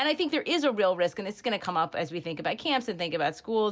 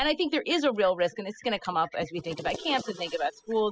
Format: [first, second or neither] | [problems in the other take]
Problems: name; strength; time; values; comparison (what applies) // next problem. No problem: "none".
first | noise reduction (classical method spectral subtraction)